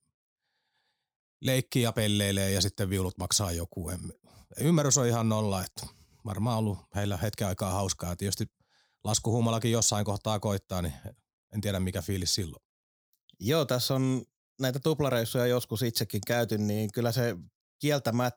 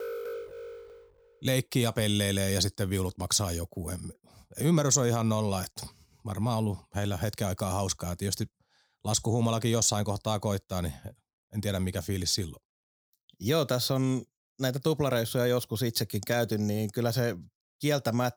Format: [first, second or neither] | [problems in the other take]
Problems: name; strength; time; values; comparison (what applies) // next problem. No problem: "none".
first | alarm; noticeable; until 1 s; peak 7 dB below the speech